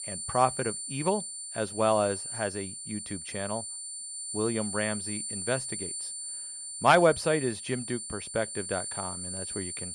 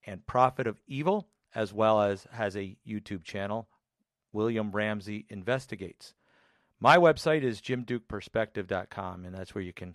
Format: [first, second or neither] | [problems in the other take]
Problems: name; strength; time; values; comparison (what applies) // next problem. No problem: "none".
second | high-pitched whine; loud; throughout; 9 kHz, 5 dB below the speech